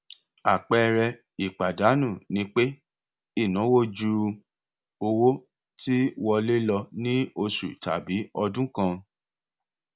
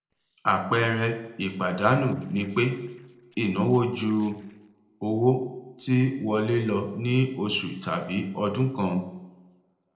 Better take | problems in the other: first | noise reduction (neural separator model SepFormer DNS4)

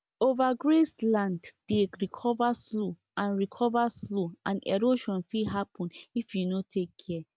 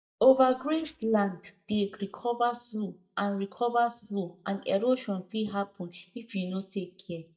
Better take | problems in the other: first | noise reduction (neural mask model DeepFilterNet 3)

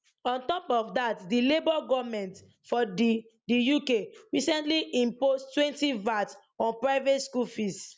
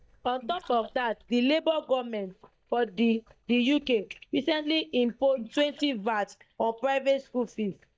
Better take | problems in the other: first | noise reduction (neural mask model DeepFilterNet 3)

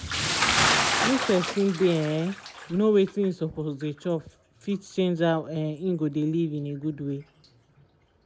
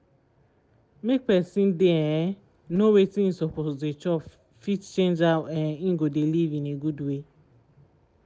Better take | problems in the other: second | background sound (Bathtub (filling or washing) / Splash, splatter); 4 dB below the speech

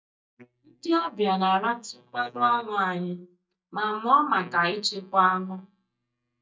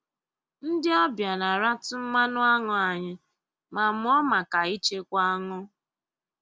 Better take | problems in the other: second | noise reduction (neural mask model DeepFilterNet 3)

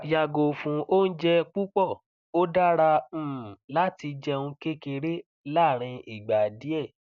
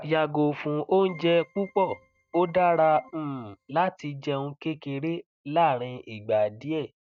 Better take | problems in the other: first | noise reduction (neural mask model RNNoise)

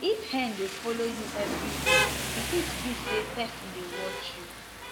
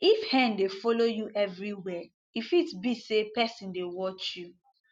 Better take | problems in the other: second | background sound (Rain); 1 dB above the speech

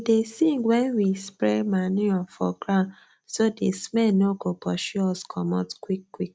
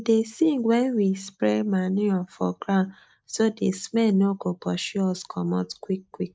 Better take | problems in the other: first | noise reduction (neural mask model Resemble Enhance denoiser)

